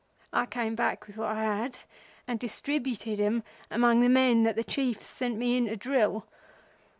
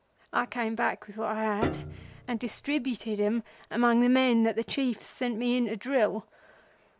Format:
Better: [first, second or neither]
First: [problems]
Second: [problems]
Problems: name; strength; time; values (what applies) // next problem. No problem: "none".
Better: first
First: none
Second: background sound (Piano); 10 dB below the speech